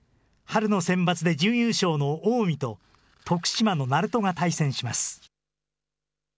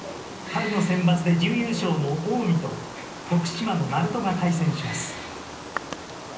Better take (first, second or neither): first